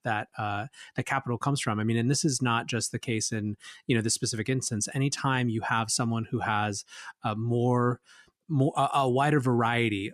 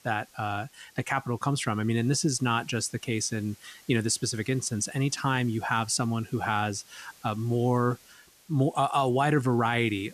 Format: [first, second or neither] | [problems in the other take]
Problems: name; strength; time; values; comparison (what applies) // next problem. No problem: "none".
first | hiss; faint; throughout; 25 dB below the speech